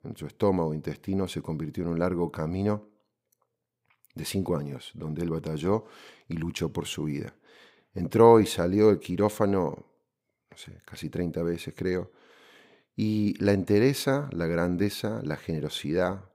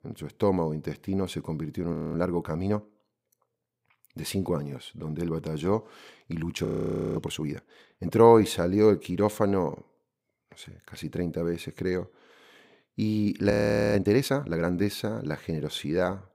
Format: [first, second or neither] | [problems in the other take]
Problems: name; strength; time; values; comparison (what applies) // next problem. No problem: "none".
first | audio freezing; at 2 s, at 6.5 s for 0.5 s and at 14 s